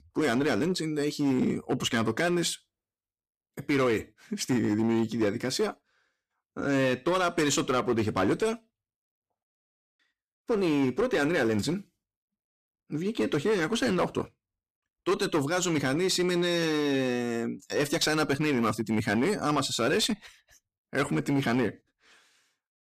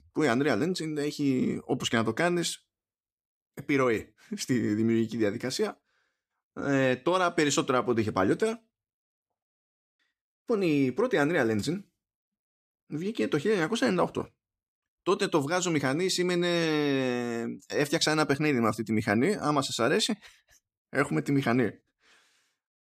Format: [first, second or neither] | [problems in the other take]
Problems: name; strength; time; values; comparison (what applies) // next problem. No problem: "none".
second | distortion; slight; 8% of the sound clipped